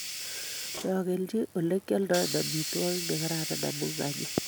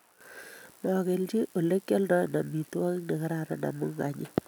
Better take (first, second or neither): second